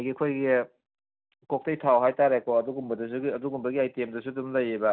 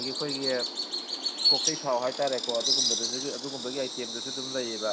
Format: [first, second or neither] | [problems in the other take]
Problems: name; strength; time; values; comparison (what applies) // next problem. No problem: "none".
first | background sound (Bird vocalization, bird call, bird song); 3 dB above the speech